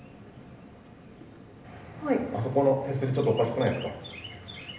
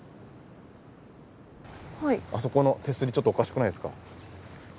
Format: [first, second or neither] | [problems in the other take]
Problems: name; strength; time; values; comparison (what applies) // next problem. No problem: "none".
second | background sound (Chirp, tweet); 19 dB below the speech // room echo; dies away in 0.8 s